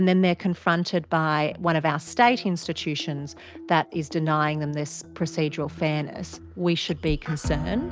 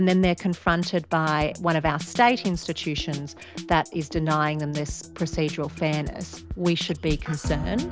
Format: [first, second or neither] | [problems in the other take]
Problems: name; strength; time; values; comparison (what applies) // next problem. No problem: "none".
first | background sound (Drum kit); 14 dB below the speech